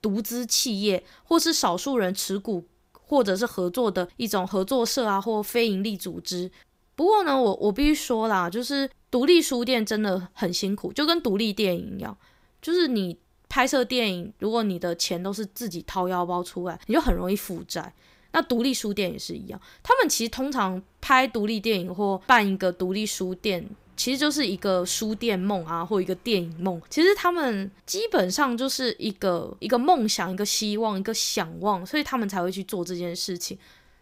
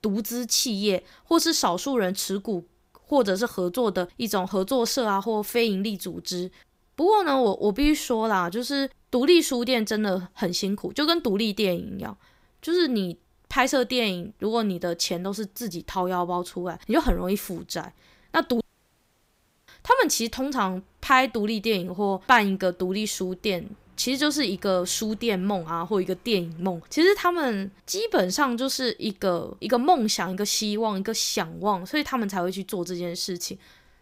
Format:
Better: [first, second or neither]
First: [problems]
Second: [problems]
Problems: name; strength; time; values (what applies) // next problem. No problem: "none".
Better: first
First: none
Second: audio cutting out; at 19 s for 1 s